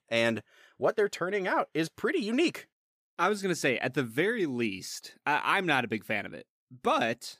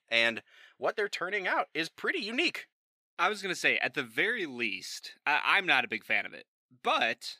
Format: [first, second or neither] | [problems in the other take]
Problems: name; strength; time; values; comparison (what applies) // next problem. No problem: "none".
first | thin; somewhat; fading below 300 Hz